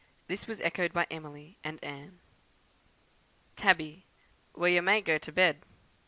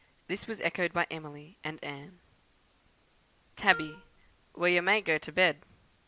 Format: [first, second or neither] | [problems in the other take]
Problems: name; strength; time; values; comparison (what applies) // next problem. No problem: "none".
first | background sound (Wind instrument, woodwind instrument); 12 dB below the speech